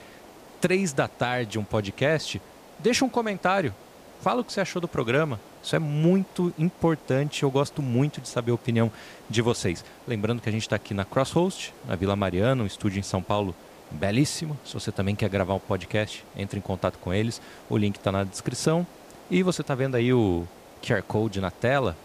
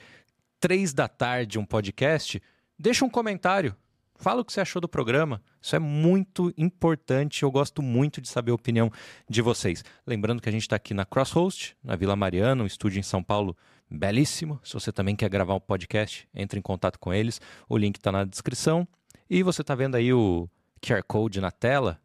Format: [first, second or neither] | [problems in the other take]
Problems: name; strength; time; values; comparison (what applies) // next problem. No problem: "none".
second | hiss; faint; throughout; 20 dB below the speech